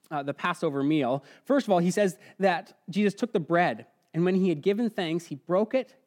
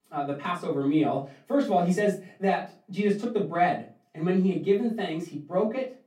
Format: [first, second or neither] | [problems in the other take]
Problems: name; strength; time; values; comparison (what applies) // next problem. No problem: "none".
first | off-mic speech; far // room echo; slight; dies away in 0.2 s